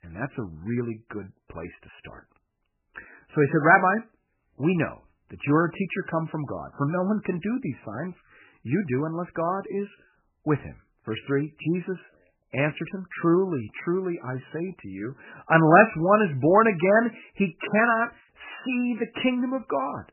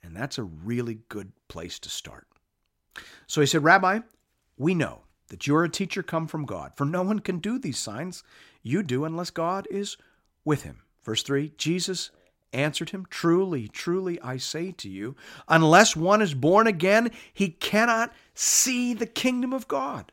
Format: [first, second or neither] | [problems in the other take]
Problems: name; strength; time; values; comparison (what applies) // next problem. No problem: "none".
second | garbled, watery; badly; nothing above 3 kHz